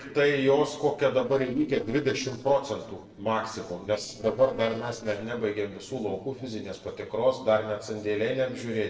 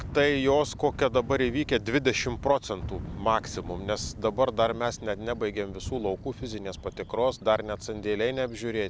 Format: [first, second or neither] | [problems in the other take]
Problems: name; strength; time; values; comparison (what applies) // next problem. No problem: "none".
second | noise reduction (neural separator model SepFormer DNS4)